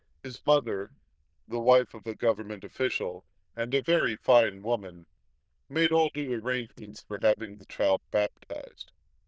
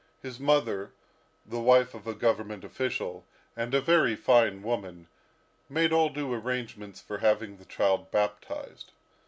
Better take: second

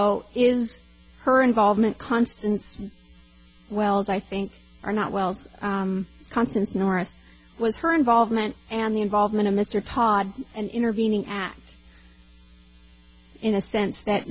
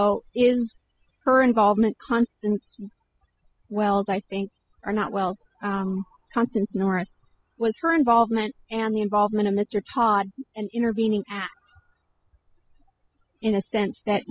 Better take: first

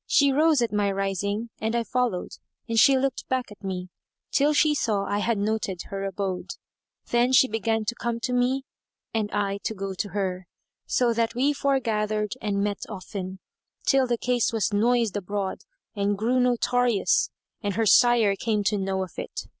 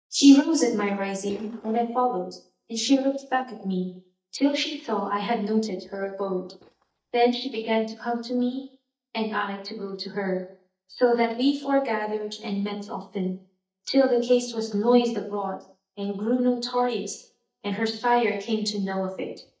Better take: first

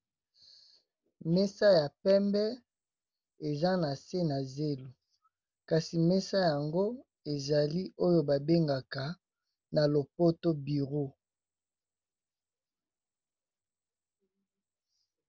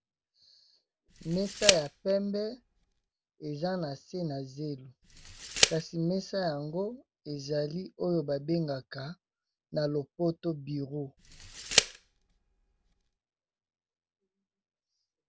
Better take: first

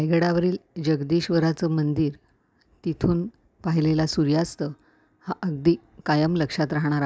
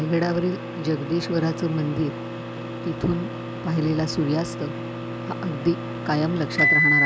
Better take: first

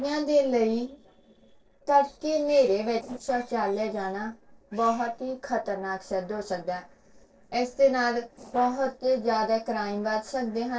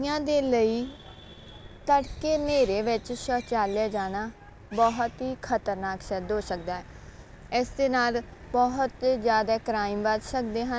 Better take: second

